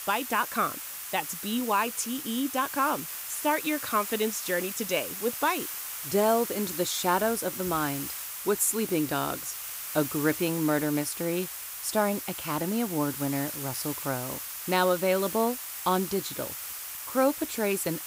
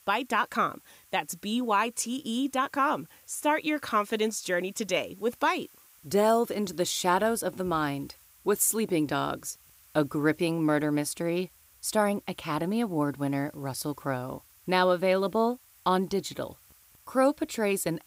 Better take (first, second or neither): second